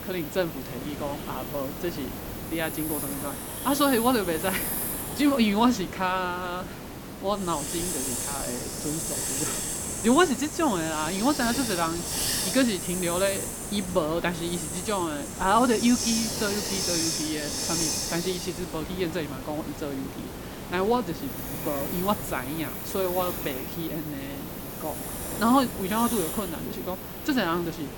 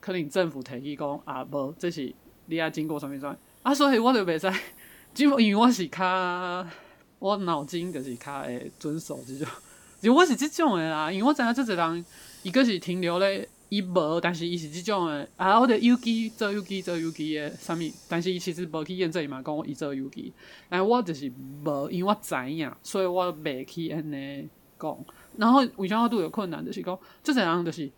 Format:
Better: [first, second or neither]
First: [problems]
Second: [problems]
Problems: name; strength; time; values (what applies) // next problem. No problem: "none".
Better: second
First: hiss; loud; throughout; 3 dB below the speech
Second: hiss; faint; throughout; 25 dB below the speech